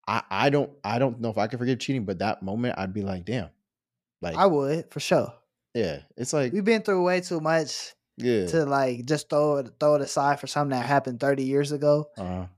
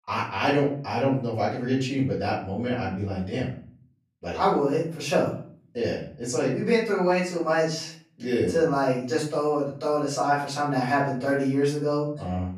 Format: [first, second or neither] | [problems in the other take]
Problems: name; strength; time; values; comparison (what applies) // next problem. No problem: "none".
first | off-mic speech; far // room echo; noticeable; dies away in 0.4 s